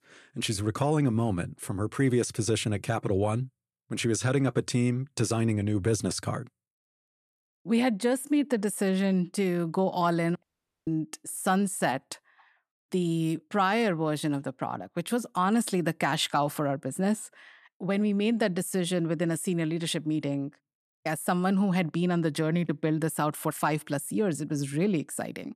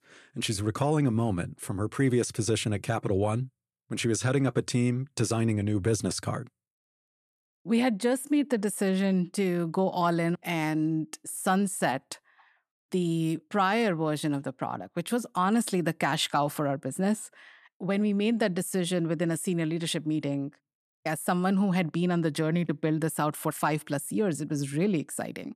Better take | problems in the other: second | audio cutting out; at 10 s

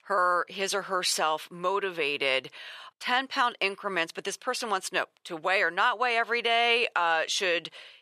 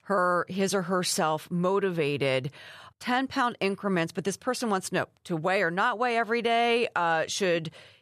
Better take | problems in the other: second | thin; somewhat; fading below 400 Hz

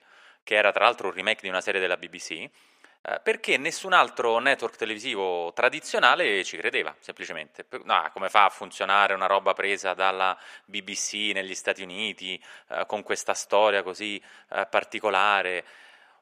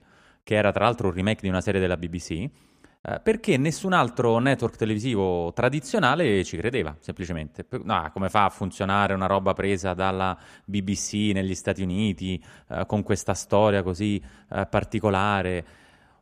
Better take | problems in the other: second | thin; very; fading below 550 Hz

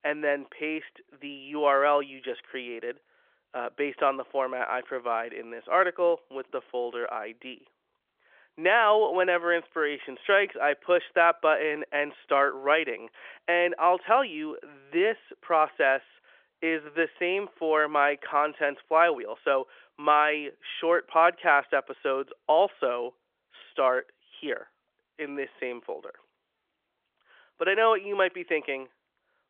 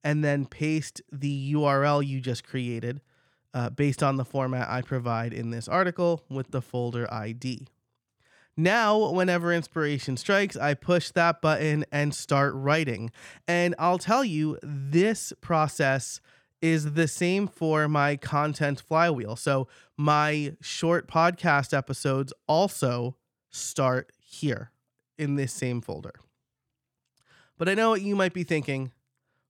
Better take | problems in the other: second | phone-call audio; nothing above 3.5 kHz

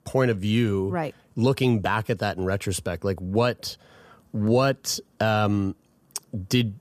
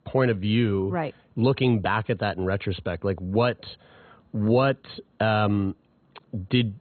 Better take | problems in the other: first | garbled, watery; badly; nothing above 4 kHz

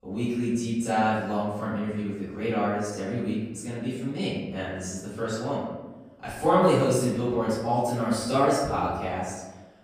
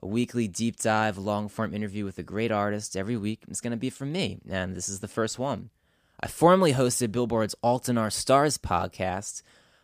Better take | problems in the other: second | off-mic speech; far // room echo; strong; dies away in 1.1 s

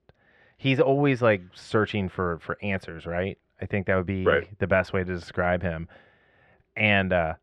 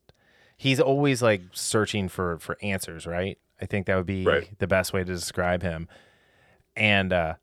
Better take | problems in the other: second | muffled; very; fading above 2 kHz

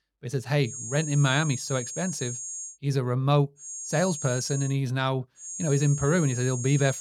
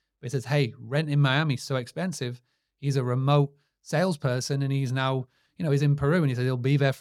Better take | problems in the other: second | high-pitched whine; loud; from 0.5 to 2.5 s, from 3.5 to 4.5 s and from 5.5 s on; 6.5 kHz, 8 dB below the speech

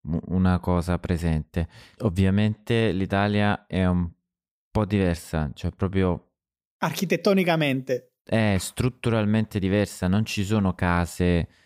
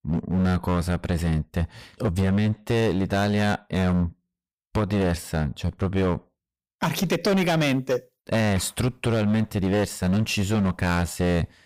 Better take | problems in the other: first | distortion; heavy; 14% of the sound clipped

